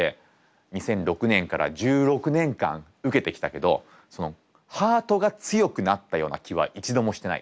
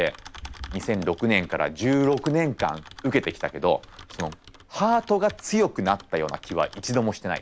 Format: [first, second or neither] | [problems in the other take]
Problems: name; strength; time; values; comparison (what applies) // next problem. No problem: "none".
first | background sound (Typing); 18 dB below the speech